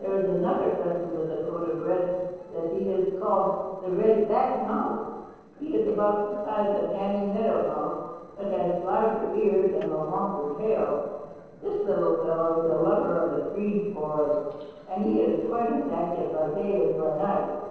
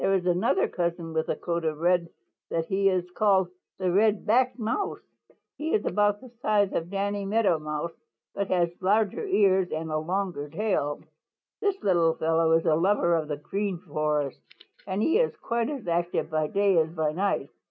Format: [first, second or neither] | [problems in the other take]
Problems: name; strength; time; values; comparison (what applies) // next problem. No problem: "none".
second | noise reduction (neural separator model SepFormer DNS4)